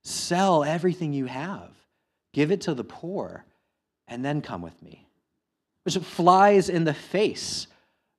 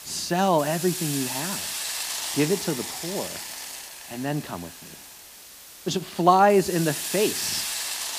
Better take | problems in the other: first | hiss; loud; throughout; 5 dB below the speech

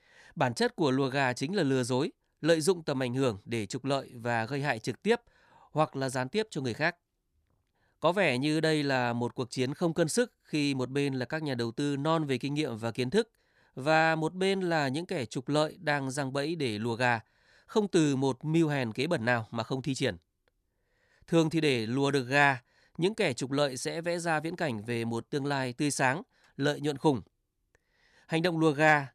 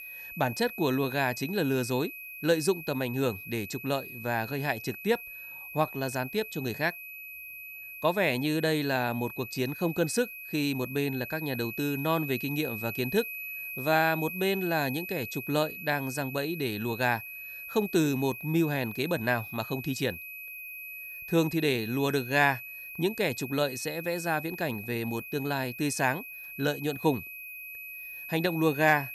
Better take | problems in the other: first | high-pitched whine; loud; throughout; 2.5 kHz, 9 dB below the speech

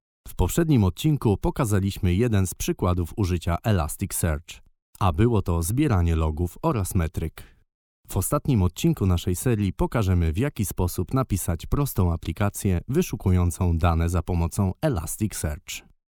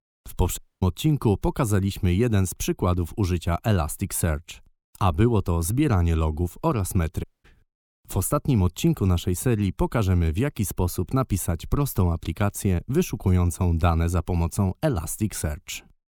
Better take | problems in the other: first | audio cutting out; at 0.5 s and at 7 s

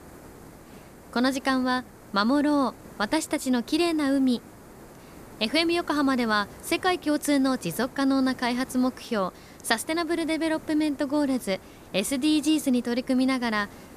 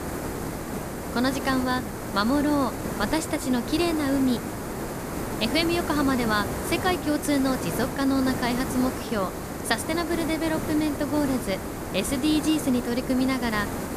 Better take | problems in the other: first | hiss; loud; throughout; 5 dB below the speech; faint in the first

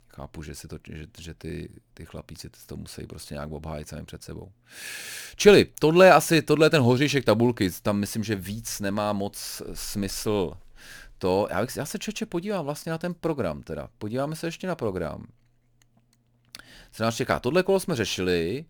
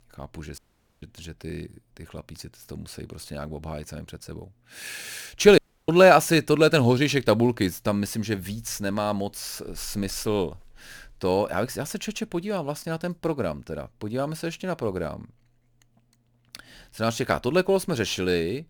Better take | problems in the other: first | audio cutting out; at 0.5 s and at 5.5 s

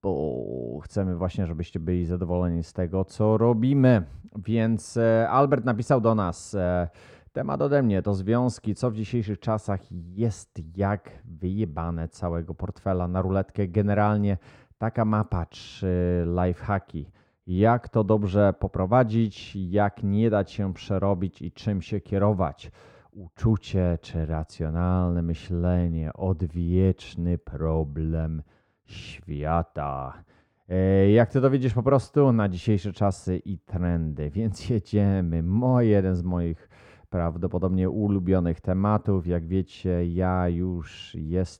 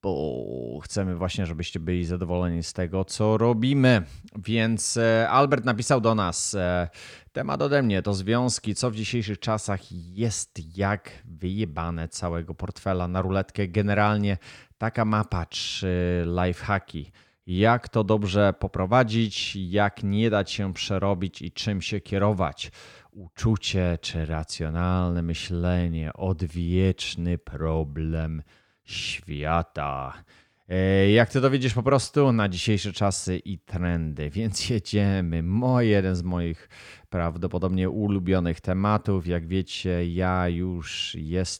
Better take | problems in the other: second | muffled; slightly; fading above 1.5 kHz

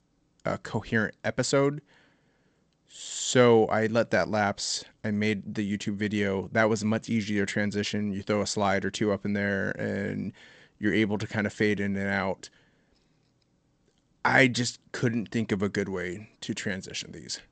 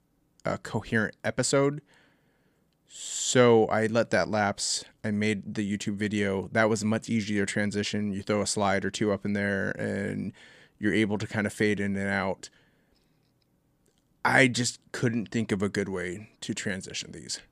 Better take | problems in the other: second | garbled, watery; slightly; nothing above 8 kHz

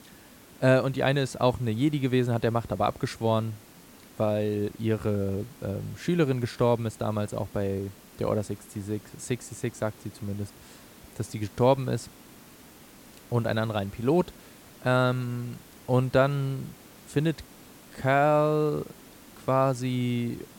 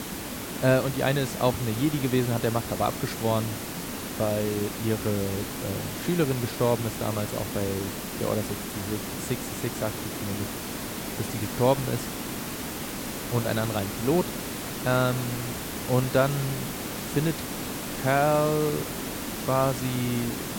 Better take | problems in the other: first | hiss; loud; throughout; 5 dB below the speech; faint in the first

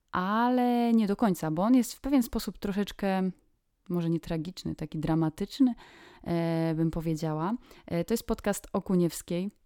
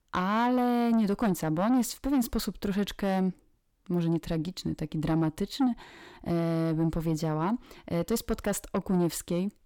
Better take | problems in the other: first | distortion; slight; 10 dB below the speech

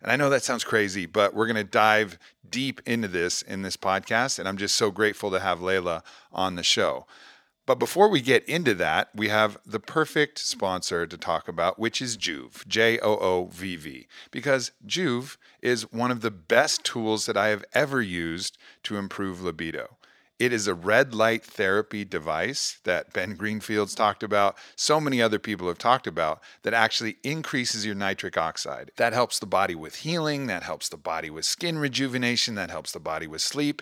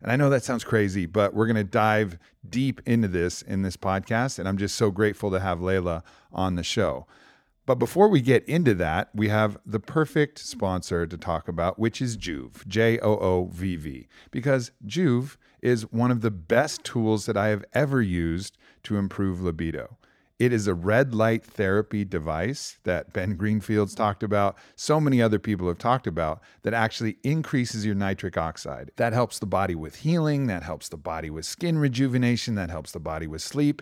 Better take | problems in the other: second | thin; somewhat; fading below 600 Hz

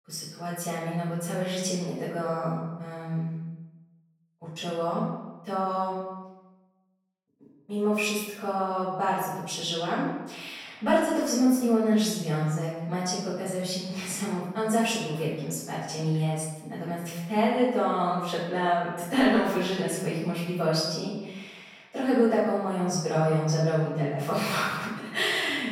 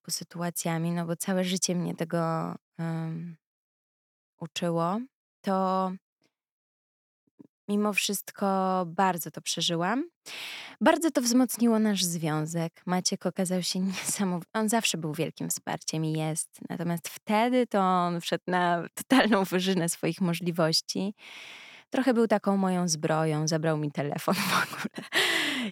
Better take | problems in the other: second | off-mic speech; far // room echo; strong; dies away in 1 s

